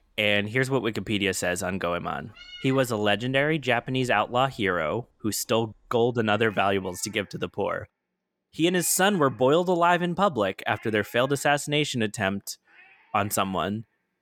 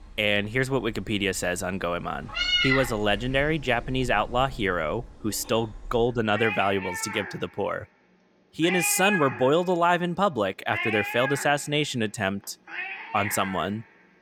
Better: first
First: animal sounds; faint; throughout; 25 dB below the speech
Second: animal sounds; loud; throughout; 4 dB below the speech

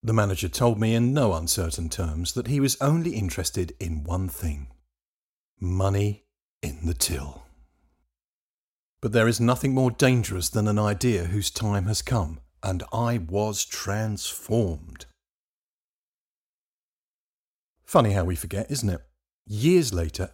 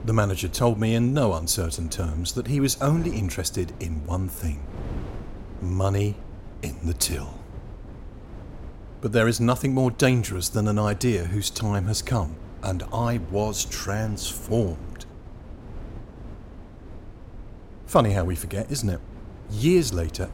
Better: first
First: none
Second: wind noise on the microphone; occasional gusts; 20 dB below the speech

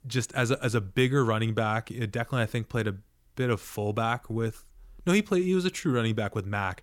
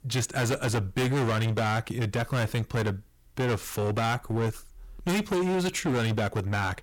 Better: first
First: none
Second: distortion; heavy; 25% of the sound clipped

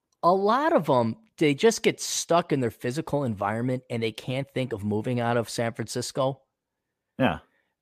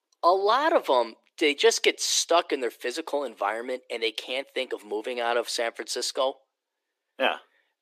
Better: first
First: none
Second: thin; very; fading below 350 Hz

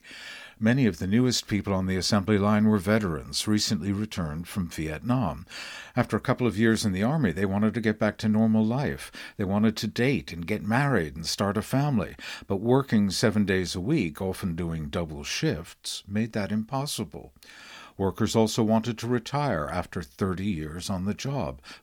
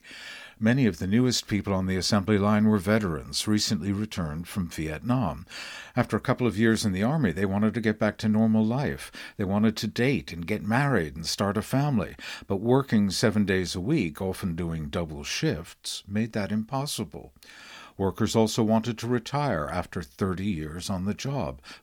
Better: neither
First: none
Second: none

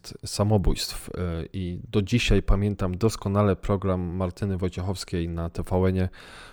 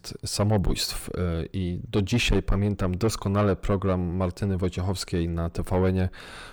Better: first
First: none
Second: distortion; slight; 10 dB below the speech

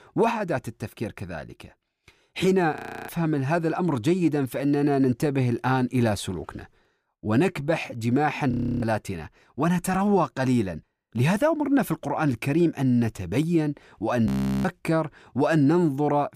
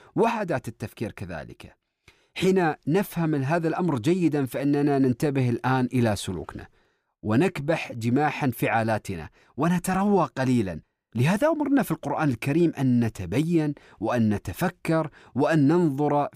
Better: second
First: audio freezing; at 3 s, at 8.5 s and at 14 s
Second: none

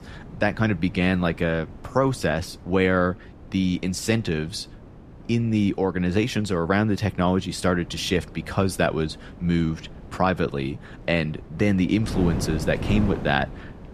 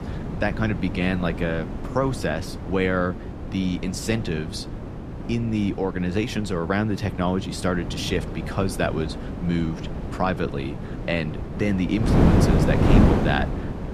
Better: first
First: wind noise on the microphone; occasional gusts; 15 dB below the speech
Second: wind noise on the microphone; heavy; 5 dB below the speech

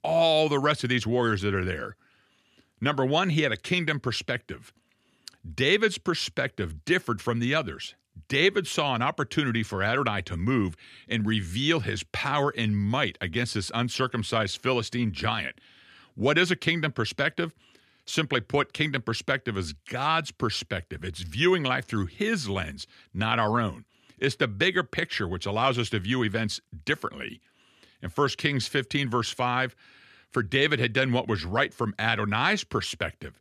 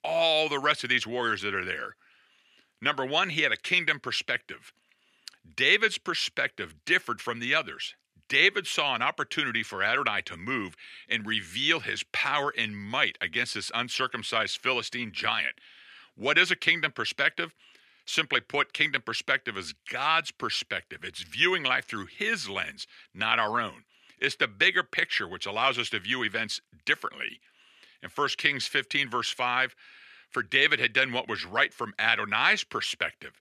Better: first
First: none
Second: thin; somewhat; fading below 550 Hz

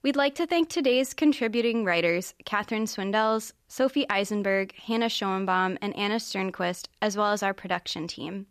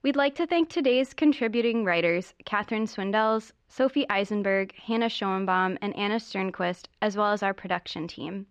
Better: first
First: none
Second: muffled; very slightly; fading above 3.5 kHz

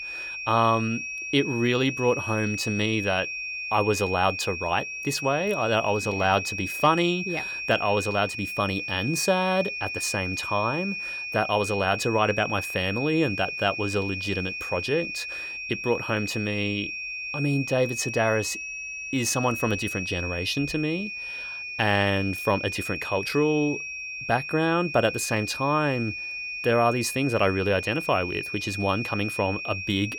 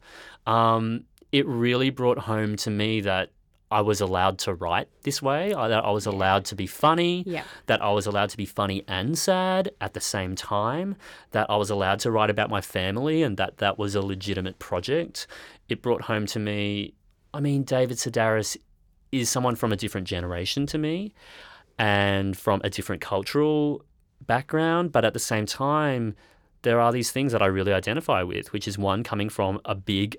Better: second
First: high-pitched whine; loud; throughout; 2.5 kHz, 5 dB below the speech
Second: none

